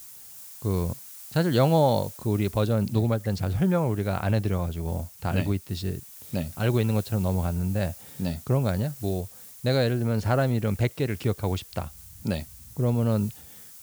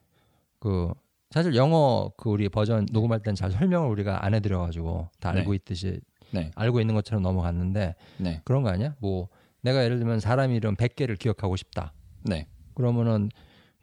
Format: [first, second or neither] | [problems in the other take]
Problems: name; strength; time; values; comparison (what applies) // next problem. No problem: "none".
second | hiss; noticeable; throughout; 15 dB below the speech